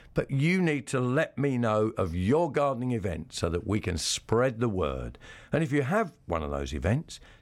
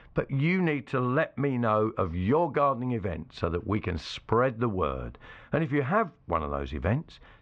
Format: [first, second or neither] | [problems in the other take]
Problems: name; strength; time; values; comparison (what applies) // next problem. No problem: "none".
first | muffled; slightly; fading above 3.5 kHz